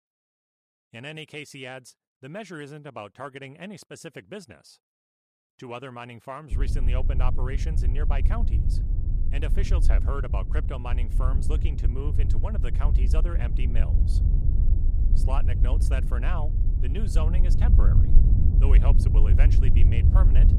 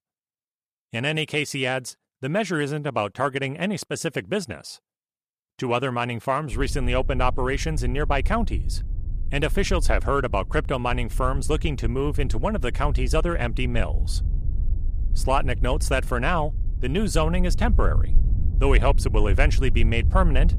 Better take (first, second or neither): second